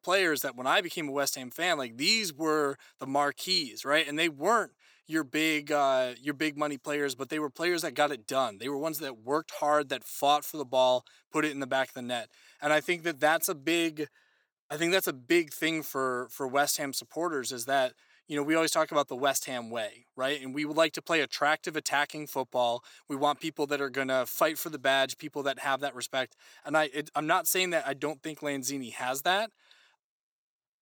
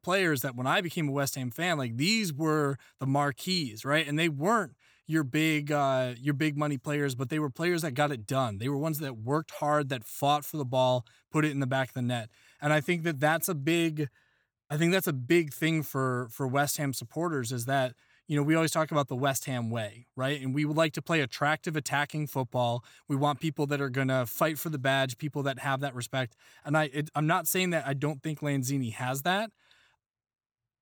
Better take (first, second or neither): second